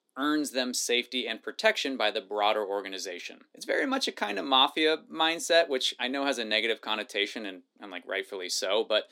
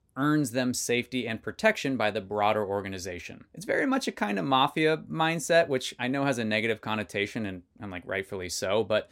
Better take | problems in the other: second | thin; very slightly; fading below 250 Hz

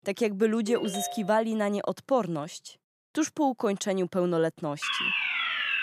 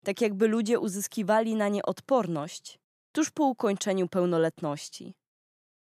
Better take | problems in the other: second | phone ringing; noticeable; at 0.5 s; peak 7 dB below the speech // alarm; loud; from 5 s on; peak 3 dB above the speech

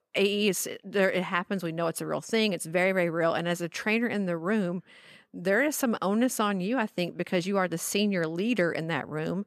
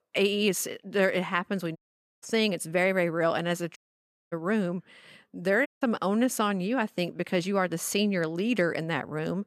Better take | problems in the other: first | audio cutting out; at 2 s, at 4 s for 0.5 s and at 5.5 s

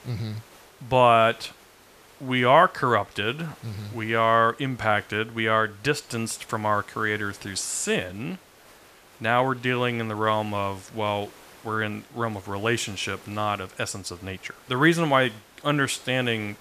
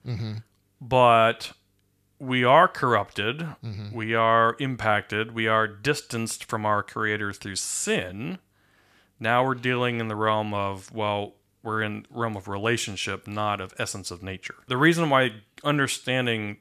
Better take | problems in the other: second | hiss; faint; throughout; 25 dB below the speech

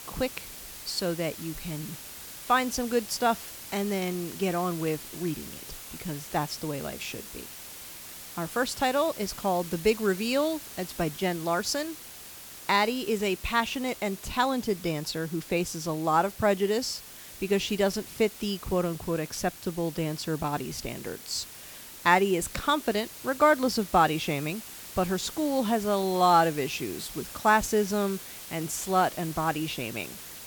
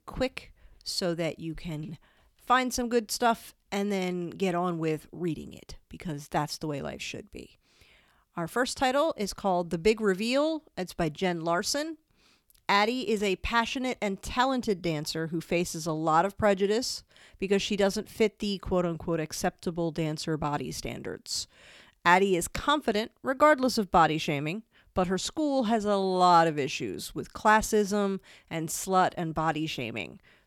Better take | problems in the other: second | hiss; noticeable; throughout; 15 dB below the speech

